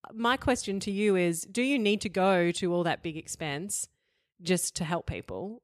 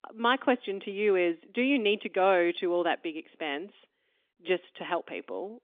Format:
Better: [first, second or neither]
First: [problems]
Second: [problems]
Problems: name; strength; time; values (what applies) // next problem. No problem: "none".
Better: first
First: none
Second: phone-call audio; nothing above 3 kHz